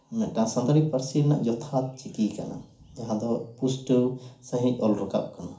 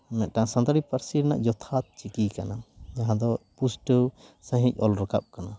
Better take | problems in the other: second | room echo; dies away in 0.4 s

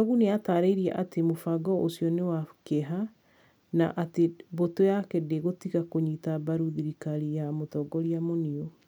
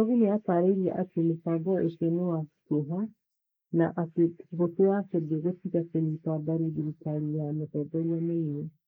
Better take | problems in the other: first | noise reduction (neural mask model Resemble Enhance denoiser)

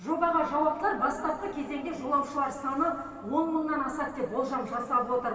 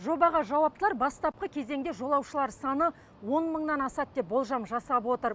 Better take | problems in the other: second | room echo; dies away in 2.5 s

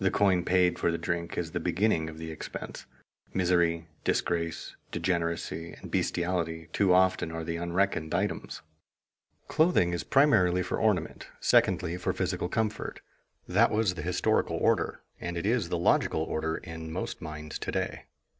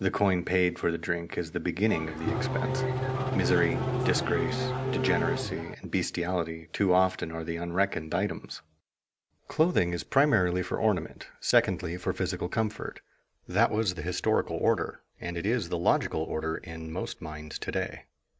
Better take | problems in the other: first | background sound (Race car, auto racing / Engine starting); 1 dB below the speech

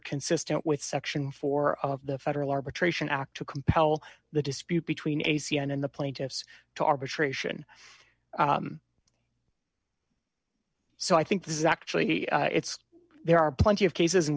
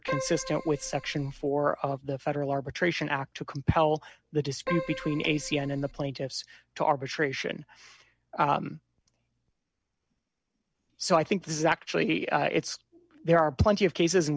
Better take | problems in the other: first | background sound (Keyboard (musical)); 9 dB below the speech

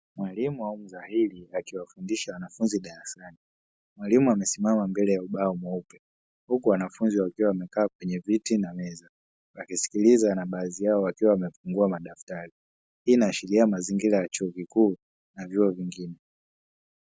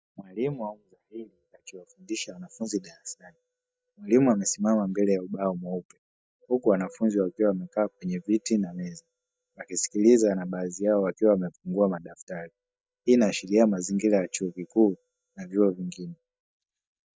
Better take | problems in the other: first | noise reduction (neural mask model DeepFilterNet 3)

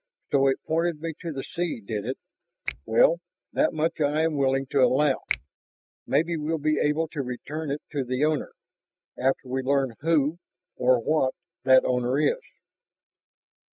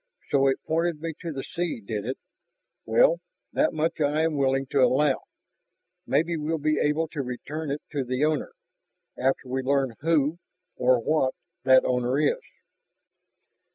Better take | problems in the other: second | noise reduction (neural mask model RNNoise)

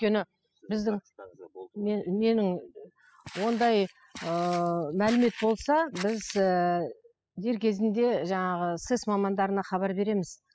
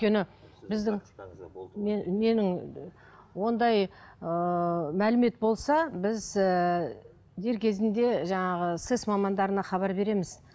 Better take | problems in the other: second | noise reduction (classical method spectral subtraction)

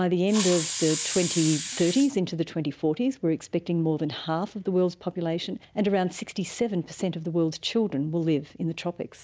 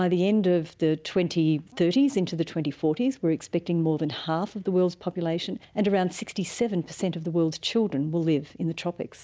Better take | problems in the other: second | background sound (Hiss); 5 dB below the speech

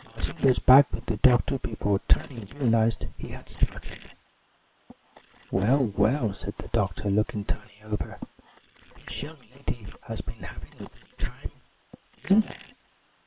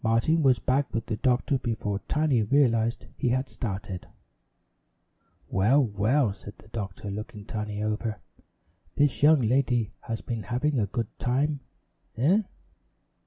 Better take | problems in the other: second | noise reduction (neural separator model SepFormer WHAM!)

